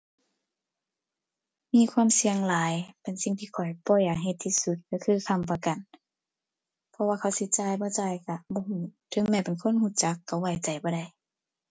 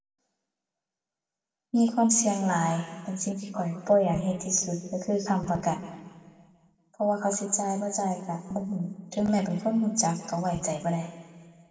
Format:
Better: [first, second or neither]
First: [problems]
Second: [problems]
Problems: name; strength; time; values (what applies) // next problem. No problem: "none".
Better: first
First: none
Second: room echo; dies away in 1.6 s